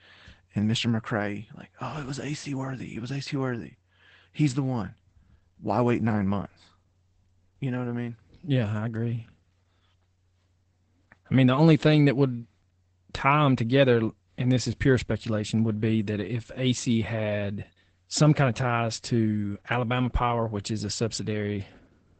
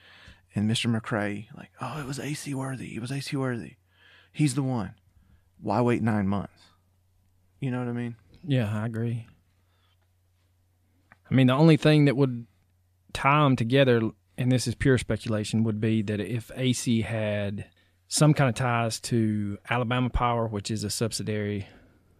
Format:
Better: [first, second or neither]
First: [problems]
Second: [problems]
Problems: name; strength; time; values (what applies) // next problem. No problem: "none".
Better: second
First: garbled, watery; badly; nothing above 8 kHz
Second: none